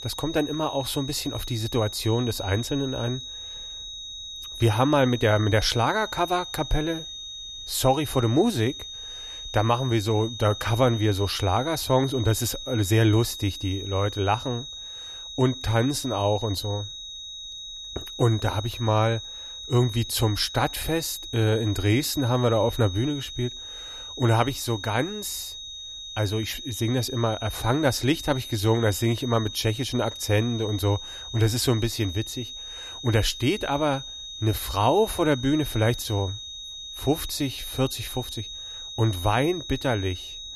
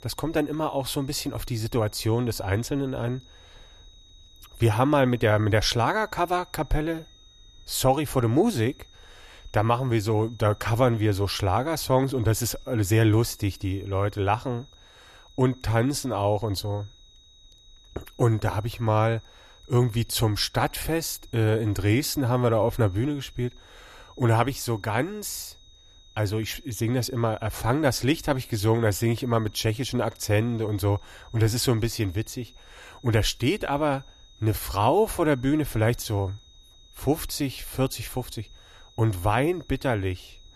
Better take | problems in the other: second | high-pitched whine; loud; throughout; 3.5 kHz, 10 dB below the speech; faint in the second

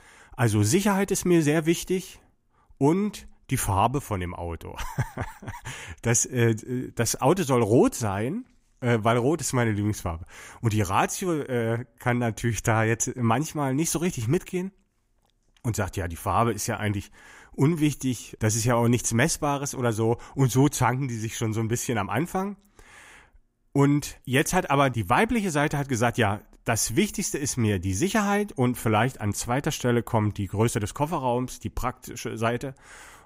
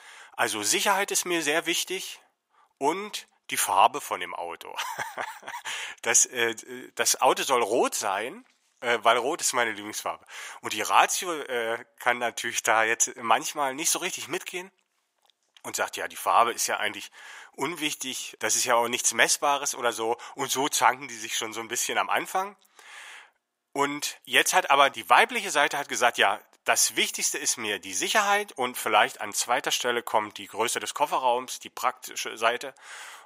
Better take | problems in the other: first | thin; very; fading below 700 Hz

